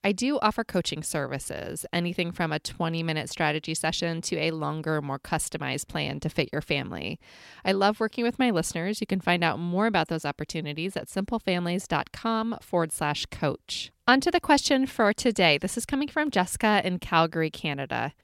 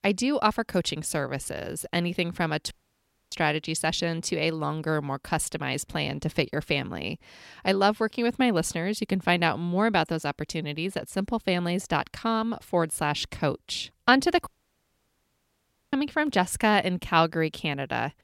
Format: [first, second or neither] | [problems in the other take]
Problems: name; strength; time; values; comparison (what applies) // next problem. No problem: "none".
first | audio cutting out; at 2.5 s for 0.5 s and at 14 s for 1.5 s